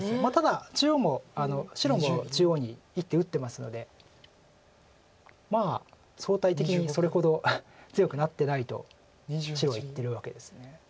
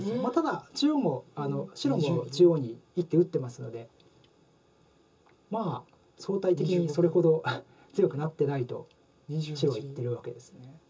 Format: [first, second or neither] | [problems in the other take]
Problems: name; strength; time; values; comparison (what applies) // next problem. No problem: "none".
first | room echo; dies away in 0.2 s